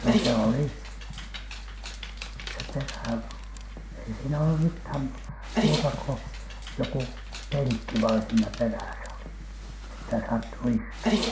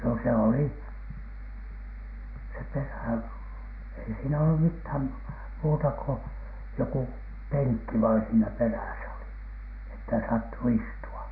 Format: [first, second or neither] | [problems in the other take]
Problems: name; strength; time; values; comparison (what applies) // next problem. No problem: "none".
second | background sound (Dog); 5 dB below the speech